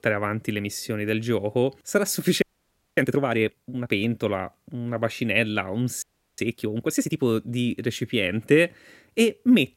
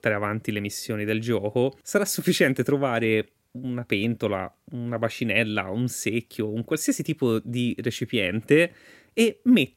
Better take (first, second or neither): second